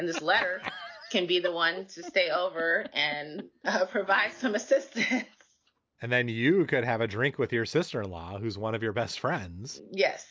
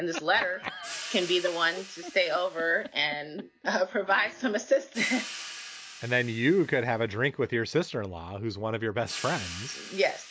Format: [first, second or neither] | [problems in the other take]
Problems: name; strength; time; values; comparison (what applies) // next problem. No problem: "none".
first | background sound (Cymbal); 15 dB below the speech